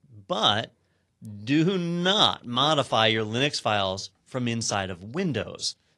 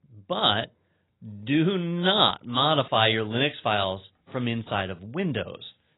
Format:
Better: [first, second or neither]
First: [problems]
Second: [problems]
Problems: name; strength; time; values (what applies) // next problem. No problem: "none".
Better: first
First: garbled, watery; slightly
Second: garbled, watery; badly; nothing above 4 kHz